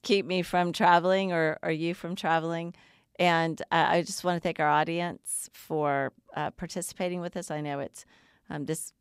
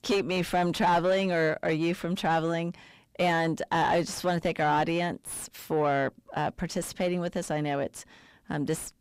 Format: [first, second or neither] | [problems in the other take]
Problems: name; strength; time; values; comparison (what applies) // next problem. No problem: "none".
first | distortion; heavy; 7 dB below the speech